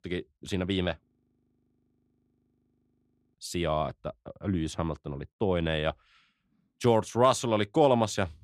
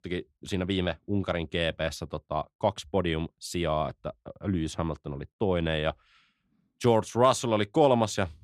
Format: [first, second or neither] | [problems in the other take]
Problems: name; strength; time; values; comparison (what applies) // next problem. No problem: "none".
second | audio freezing; at 1 s for 2.5 s